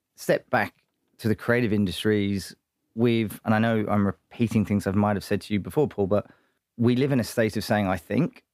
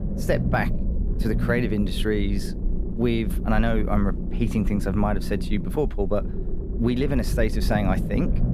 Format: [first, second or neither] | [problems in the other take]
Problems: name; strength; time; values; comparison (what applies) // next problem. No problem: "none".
first | low rumble; noticeable; throughout; 10 dB below the speech